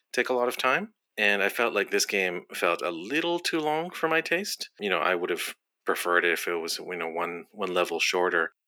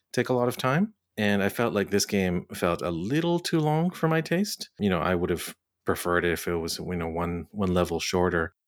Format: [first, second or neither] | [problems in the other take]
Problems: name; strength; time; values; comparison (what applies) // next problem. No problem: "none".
second | thin; somewhat; fading below 300 Hz